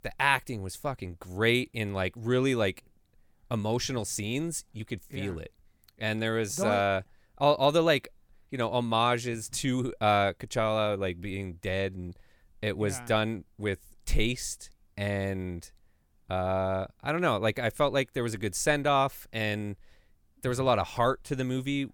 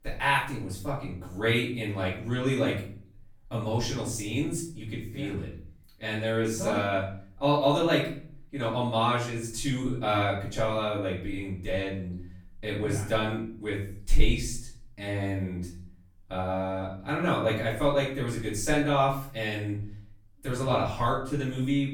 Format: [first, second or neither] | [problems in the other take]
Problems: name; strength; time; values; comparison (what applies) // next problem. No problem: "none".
first | off-mic speech; far // room echo; noticeable; dies away in 0.5 s